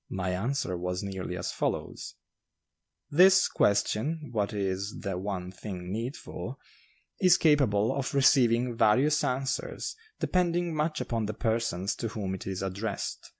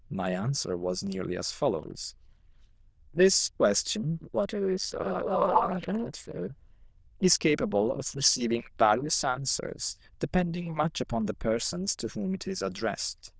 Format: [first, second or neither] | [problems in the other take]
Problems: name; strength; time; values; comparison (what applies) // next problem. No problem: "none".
first | noise reduction (neural diffusion model UNIVERSE++)